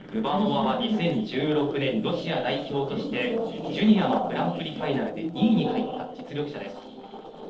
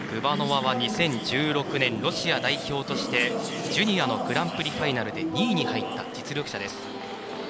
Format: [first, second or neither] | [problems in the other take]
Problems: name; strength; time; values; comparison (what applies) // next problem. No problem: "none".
second | noise reduction (neural separator model SepFormer DNS4)